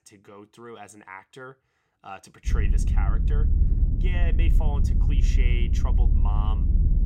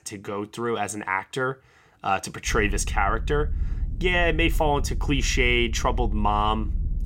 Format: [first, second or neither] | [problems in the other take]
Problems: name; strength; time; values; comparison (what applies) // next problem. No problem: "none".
second | low rumble; loud; from 2.5 s on; 3 dB below the speech; faint in the second